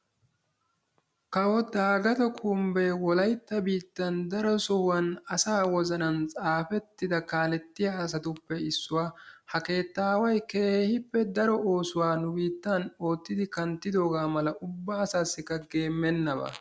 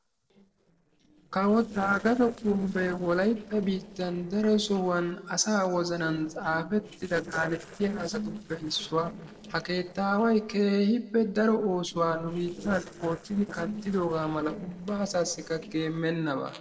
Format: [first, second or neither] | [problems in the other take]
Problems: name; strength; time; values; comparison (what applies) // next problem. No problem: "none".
first | noise reduction (neural separator model SepFormer DNS4)